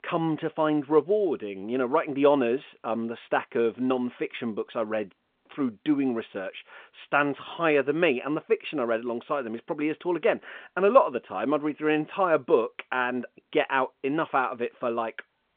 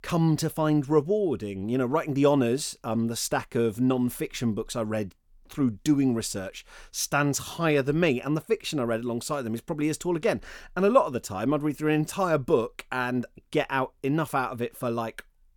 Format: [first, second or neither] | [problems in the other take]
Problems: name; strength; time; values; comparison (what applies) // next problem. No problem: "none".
second | phone-call audio